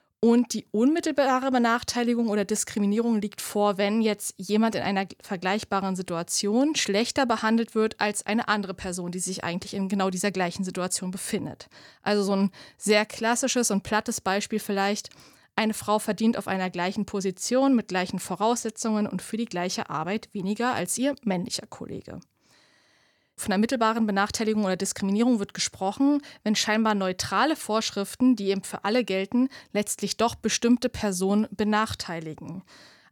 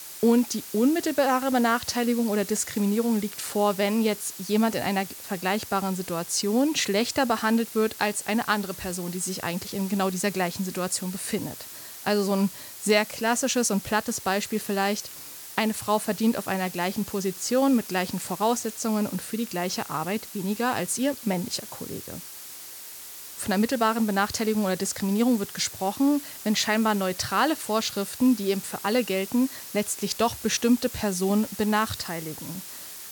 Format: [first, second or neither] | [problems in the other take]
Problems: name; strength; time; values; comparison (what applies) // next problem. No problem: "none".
first | hiss; noticeable; throughout; 10 dB below the speech